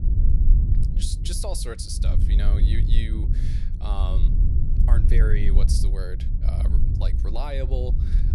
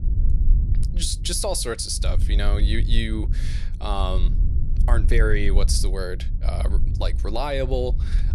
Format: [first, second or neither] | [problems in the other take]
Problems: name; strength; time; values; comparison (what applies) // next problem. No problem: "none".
second | wind noise on the microphone; heavy; 5 dB below the speech; occasional gusts in the second